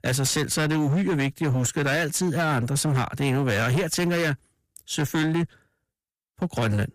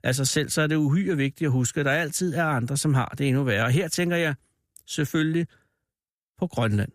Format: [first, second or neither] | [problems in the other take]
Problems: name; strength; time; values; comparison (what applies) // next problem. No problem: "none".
second | distortion; slight; 22% of the sound clipped